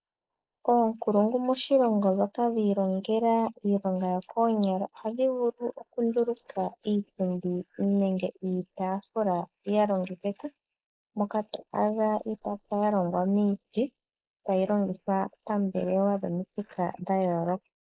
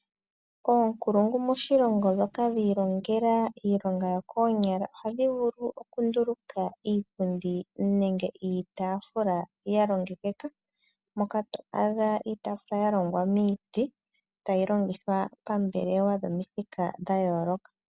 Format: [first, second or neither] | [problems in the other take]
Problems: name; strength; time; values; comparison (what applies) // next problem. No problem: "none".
second | noise reduction (neural mask model Resemble Enhance denoiser)